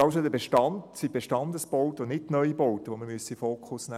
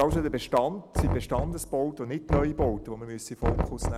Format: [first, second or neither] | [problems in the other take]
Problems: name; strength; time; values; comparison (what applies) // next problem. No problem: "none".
first | background sound (Knock); 2 dB below the speech